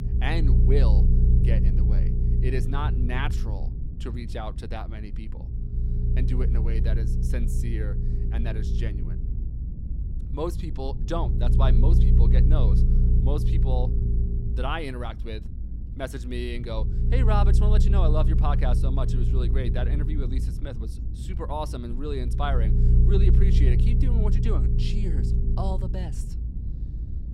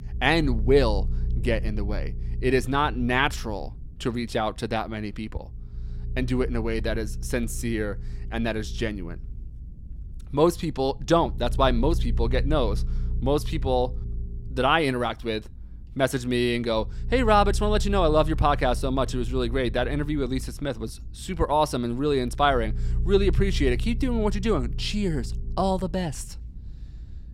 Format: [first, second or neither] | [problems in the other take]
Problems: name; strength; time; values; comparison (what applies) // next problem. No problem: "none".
second | low rumble; loud; throughout; 5 dB below the speech; faint in the second